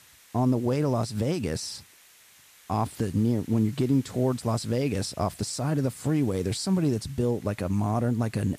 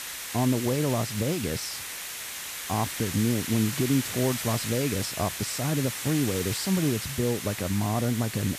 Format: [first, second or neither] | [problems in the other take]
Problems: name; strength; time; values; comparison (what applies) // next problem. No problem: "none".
first | hiss; loud; throughout; 5 dB below the speech; faint in the first